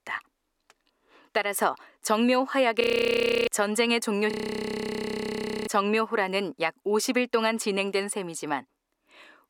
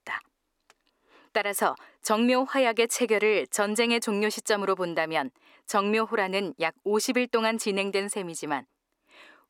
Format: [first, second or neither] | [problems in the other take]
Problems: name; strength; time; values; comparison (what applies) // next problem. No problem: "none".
second | audio freezing; at 3 s for 0.5 s and at 4.5 s for 1.5 s